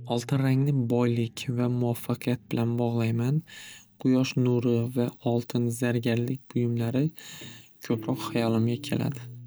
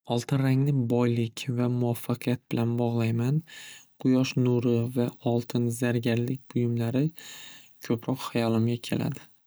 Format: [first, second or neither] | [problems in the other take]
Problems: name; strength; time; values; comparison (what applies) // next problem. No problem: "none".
second | background sound (Guitar); 20 dB below the speech